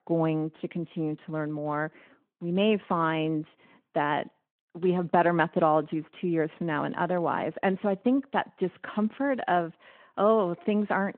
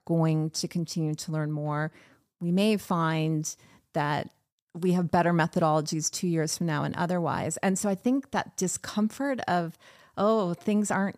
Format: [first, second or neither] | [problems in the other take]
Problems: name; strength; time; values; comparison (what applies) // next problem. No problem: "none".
second | phone-call audio